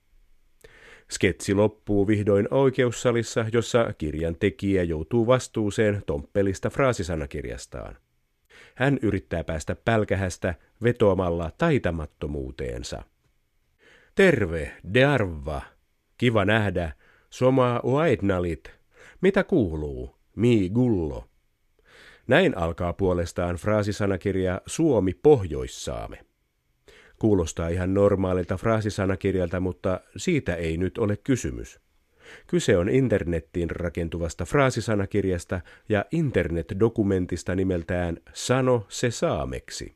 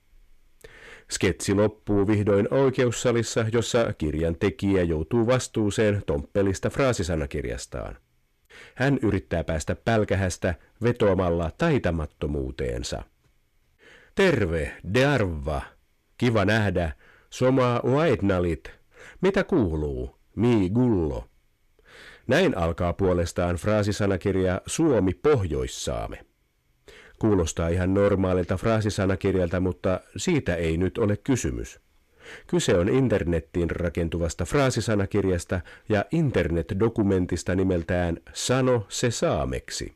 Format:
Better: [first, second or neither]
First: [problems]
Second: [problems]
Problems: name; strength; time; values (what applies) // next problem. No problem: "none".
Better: first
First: none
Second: distortion; slight; 10 dB below the speech